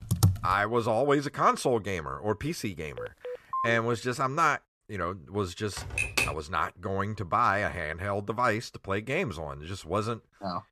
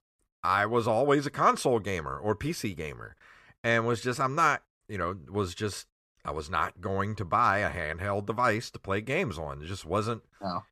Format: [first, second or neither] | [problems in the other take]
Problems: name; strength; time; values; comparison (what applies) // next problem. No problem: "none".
second | keyboard typing; loud; at the start and at 6 s; peak 3 dB above the speech // phone ringing; noticeable; at 3 s; peak 4 dB below the speech